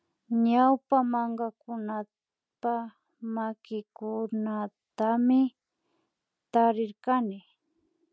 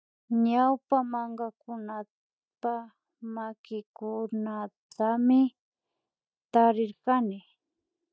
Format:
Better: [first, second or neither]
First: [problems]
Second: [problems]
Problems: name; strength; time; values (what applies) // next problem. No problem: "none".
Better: first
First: none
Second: noise reduction (neural mask model DeepFilterNet 3)